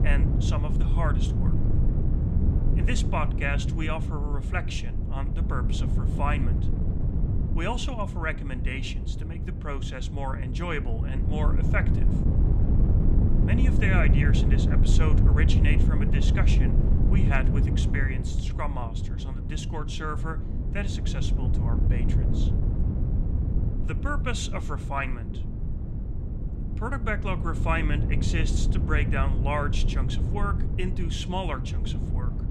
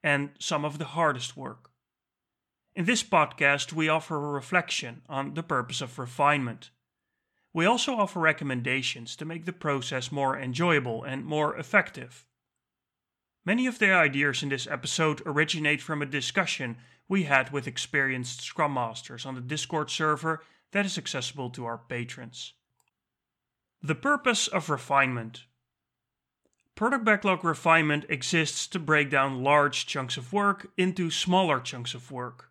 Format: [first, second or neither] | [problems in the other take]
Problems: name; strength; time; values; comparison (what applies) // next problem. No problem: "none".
second | wind noise on the microphone; heavy; 6 dB below the speech